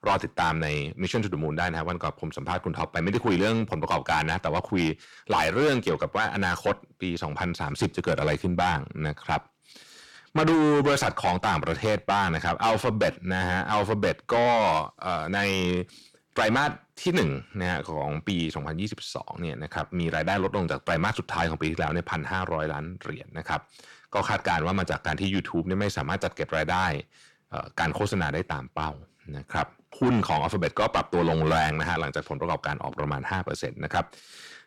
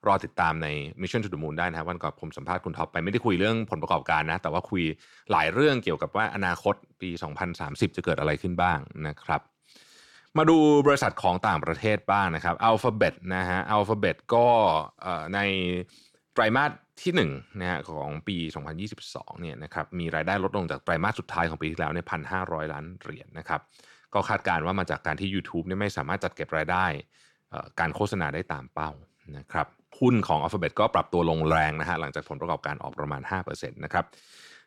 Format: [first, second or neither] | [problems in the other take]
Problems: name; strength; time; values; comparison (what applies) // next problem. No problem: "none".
second | distortion; heavy; 7 dB below the speech